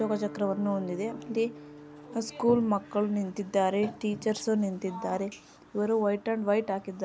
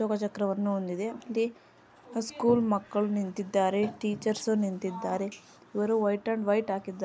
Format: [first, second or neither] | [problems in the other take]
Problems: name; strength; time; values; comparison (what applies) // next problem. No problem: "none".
second | background sound (Guitar); 18 dB below the speech